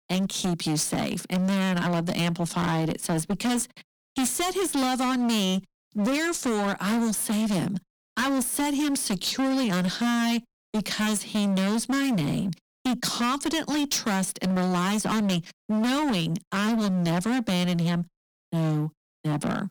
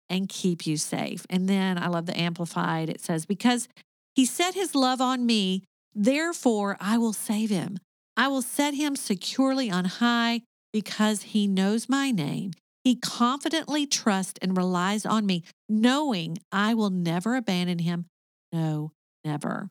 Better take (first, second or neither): second